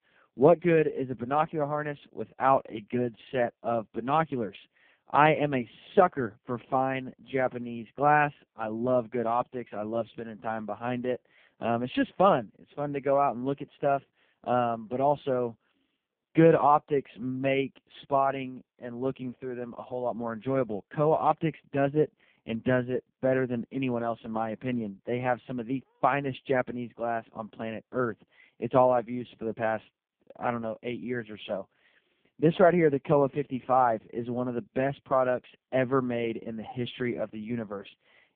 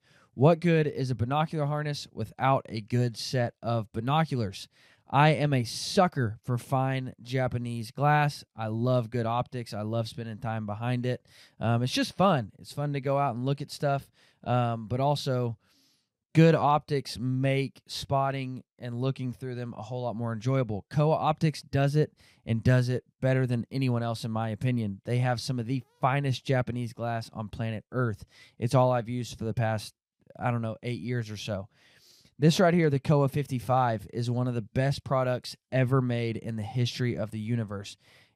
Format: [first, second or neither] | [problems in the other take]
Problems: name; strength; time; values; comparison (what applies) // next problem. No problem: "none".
second | phone-call audio; poor line